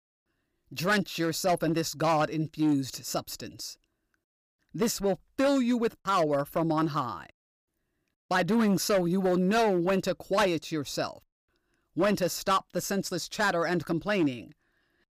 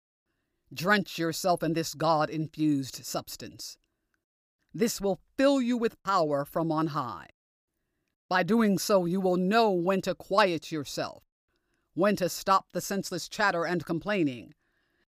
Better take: second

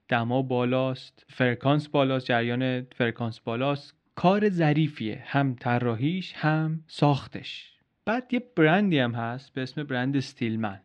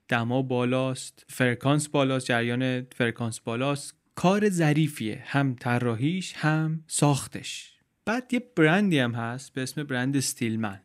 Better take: second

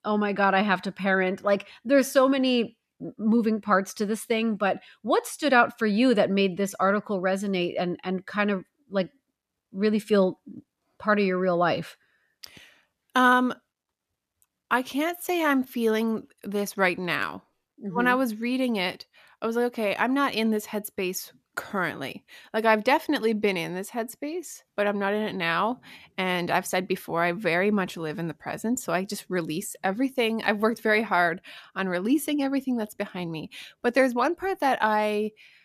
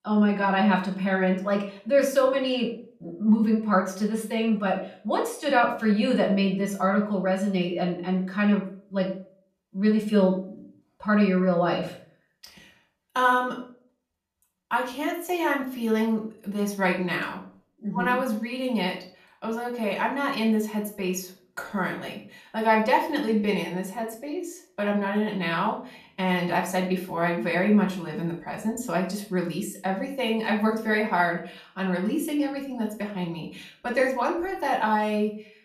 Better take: first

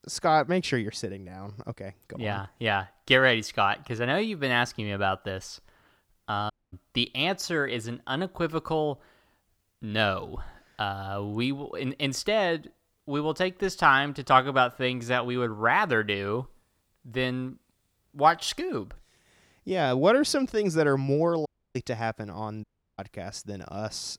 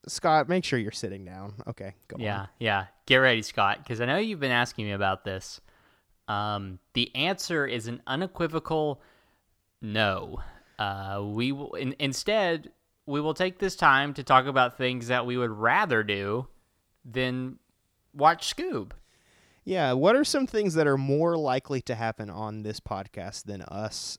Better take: second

